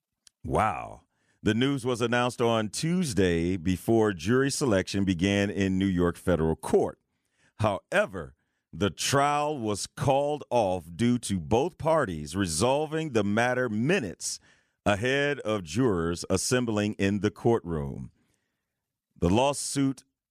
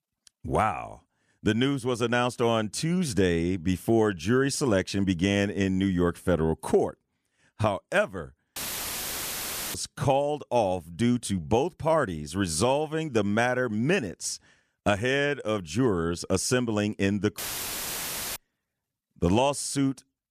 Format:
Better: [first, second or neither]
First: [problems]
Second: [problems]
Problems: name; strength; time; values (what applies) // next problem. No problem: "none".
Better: first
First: none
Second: audio cutting out; filled with static; at 8.5 s for 1 s and at 17 s for 1 s